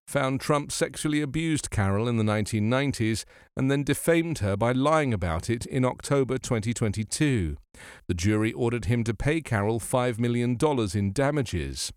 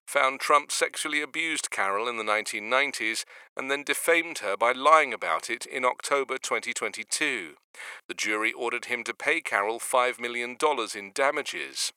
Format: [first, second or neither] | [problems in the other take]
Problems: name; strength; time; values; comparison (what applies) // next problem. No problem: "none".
first | thin; very; fading below 500 Hz